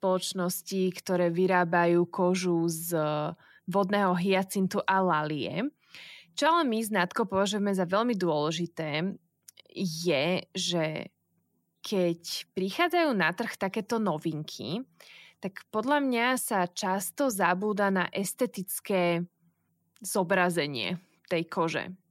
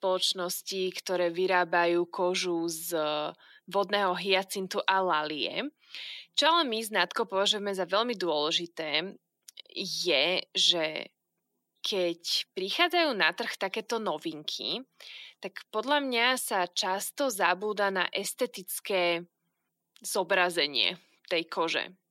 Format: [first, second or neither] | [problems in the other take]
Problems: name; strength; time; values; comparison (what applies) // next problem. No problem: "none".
first | thin; somewhat; fading below 350 Hz